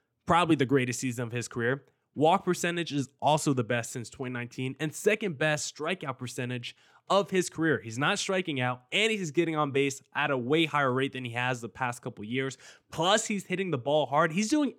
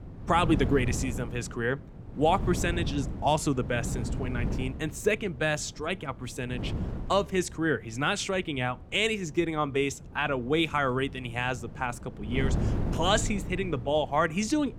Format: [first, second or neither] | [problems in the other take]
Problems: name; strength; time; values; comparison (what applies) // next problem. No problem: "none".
first | wind noise on the microphone; occasional gusts; 15 dB below the speech